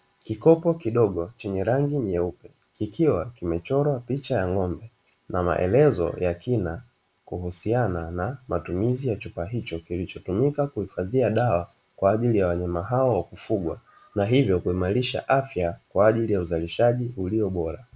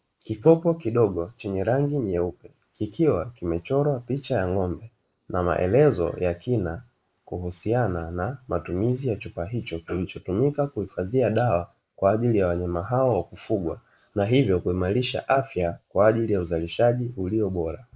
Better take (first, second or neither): first